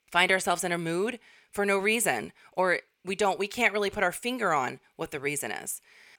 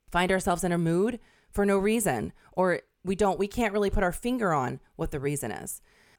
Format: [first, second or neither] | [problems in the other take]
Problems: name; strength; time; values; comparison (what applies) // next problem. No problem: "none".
second | thin; very slightly; fading below 500 Hz